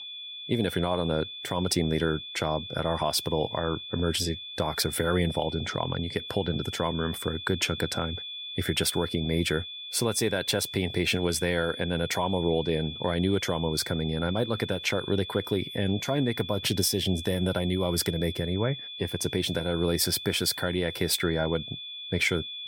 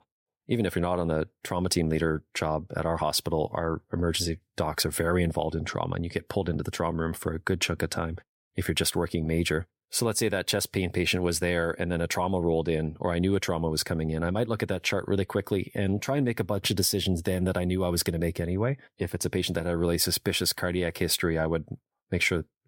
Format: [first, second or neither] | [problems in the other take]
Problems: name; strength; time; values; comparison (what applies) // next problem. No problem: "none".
second | high-pitched whine; loud; throughout; 3.5 kHz, 9 dB below the speech